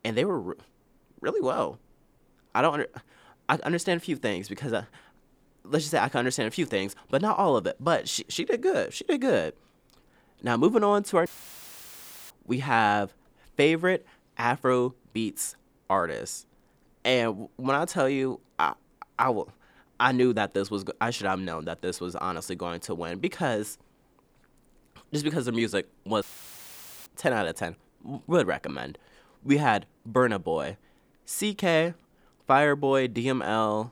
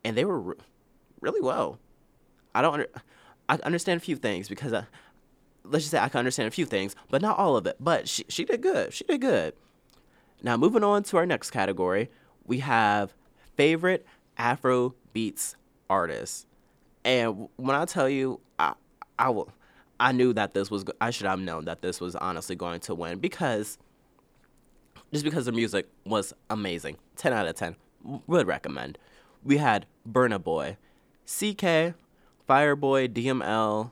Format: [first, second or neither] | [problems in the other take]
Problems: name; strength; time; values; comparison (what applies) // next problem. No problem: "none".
second | audio cutting out; filled with static; at 11 s for 1 s and at 26 s for 1 s